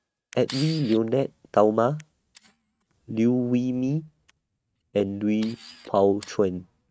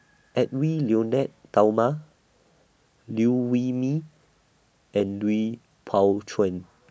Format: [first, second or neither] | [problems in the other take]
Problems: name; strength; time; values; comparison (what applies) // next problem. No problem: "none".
second | noise reduction (neural mask model RNNoise)